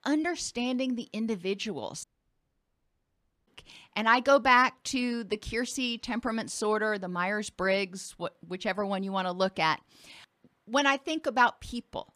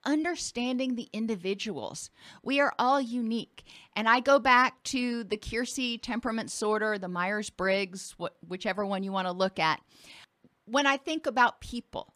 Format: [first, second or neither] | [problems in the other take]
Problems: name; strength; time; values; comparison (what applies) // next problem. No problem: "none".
second | audio cutting out; at 2 s for 1.5 s